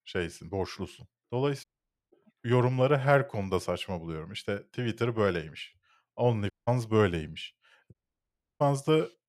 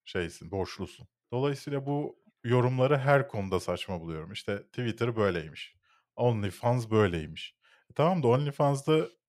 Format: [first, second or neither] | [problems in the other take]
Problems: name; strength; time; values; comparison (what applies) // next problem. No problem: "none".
second | audio cutting out; at 1.5 s, at 6.5 s and at 8 s for 0.5 s